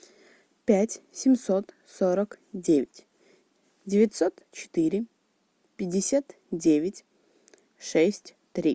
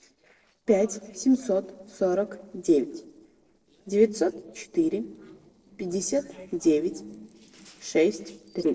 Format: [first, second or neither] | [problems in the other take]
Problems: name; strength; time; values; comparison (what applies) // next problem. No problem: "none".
first | noise reduction (neural separator model SepFormer DNS4)